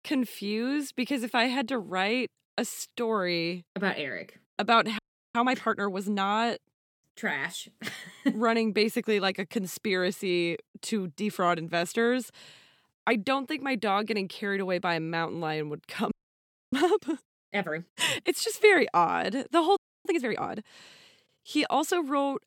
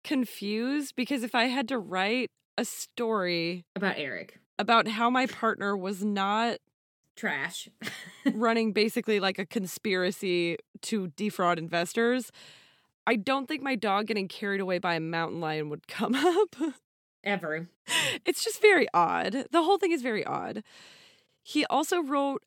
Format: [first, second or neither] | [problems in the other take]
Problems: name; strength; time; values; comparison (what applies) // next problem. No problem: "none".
second | audio freezing; at 5 s, at 16 s for 0.5 s and at 20 s